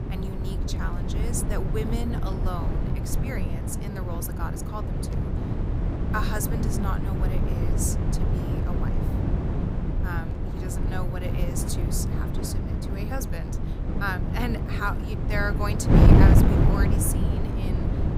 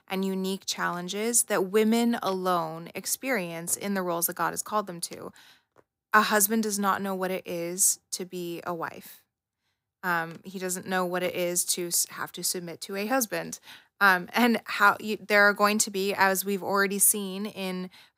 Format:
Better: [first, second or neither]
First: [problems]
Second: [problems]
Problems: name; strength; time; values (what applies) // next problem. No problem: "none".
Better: second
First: wind noise on the microphone; heavy; as loud as the speech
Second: none